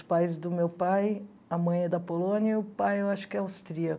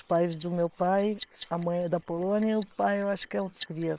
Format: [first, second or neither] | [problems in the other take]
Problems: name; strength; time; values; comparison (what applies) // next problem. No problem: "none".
first | noise reduction (neural separator model SepFormer WHAM!)